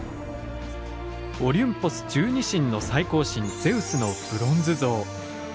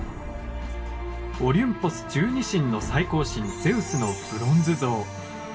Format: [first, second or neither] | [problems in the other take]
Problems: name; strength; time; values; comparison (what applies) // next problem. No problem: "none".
first | room echo; dies away in 0.2 s